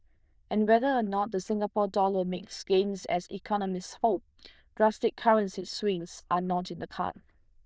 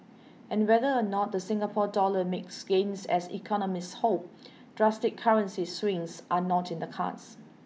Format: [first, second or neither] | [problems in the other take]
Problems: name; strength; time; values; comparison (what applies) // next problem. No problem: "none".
second | noise reduction (neural diffusion model UNIVERSE++)